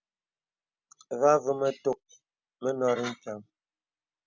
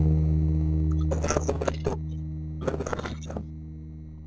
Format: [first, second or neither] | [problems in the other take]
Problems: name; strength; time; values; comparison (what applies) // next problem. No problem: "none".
first | noise reduction (neural separator model SepFormer DNS4)